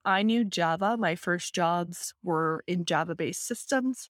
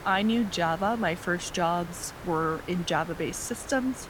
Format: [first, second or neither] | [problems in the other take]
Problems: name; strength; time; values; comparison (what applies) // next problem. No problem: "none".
first | hiss; noticeable; throughout; 15 dB below the speech